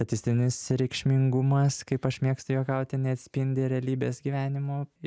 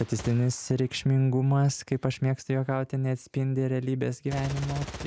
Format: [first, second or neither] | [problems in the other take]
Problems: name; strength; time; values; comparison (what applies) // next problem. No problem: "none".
first | background sound (Gunshot, gunfire); 18 dB below the speech